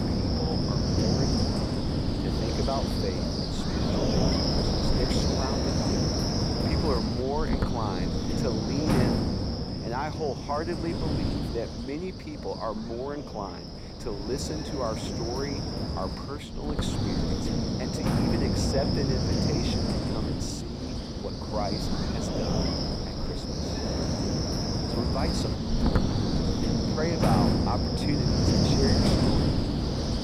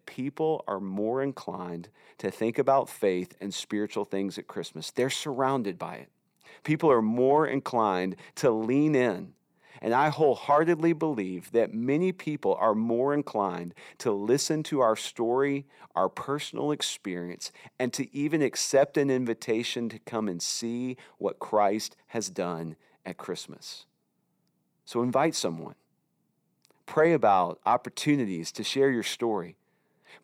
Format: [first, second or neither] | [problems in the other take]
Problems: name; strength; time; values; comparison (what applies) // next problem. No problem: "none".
second | wind noise on the microphone; heavy; 4 dB above the speech